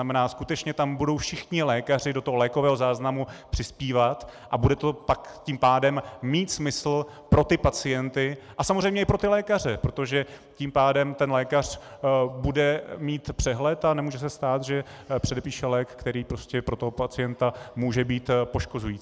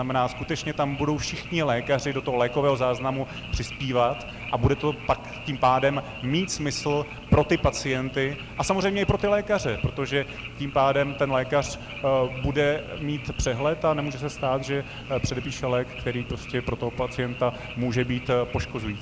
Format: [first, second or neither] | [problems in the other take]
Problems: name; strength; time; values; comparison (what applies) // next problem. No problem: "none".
first | background sound (Frog); 13 dB below the speech